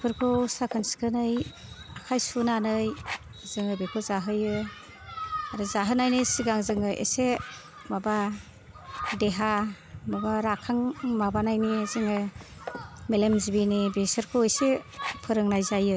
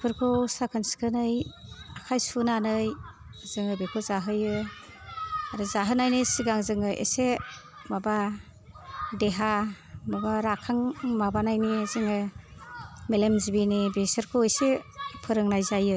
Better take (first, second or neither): second